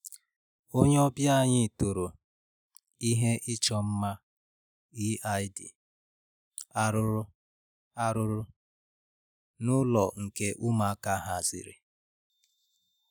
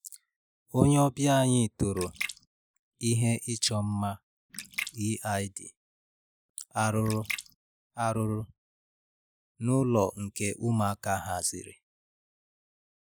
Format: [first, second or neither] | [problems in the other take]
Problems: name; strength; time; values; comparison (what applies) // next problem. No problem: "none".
first | noise reduction (neural mask model Resemble Enhance denoiser)